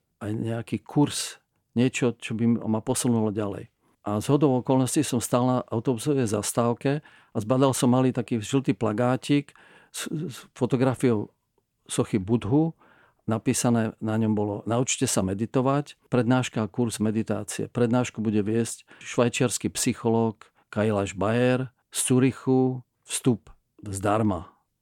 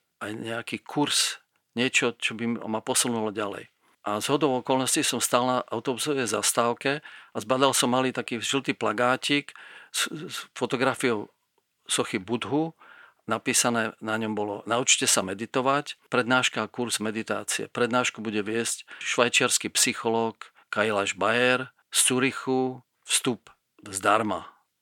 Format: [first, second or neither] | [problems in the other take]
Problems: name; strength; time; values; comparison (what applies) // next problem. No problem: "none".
first | thin; somewhat; fading below 750 Hz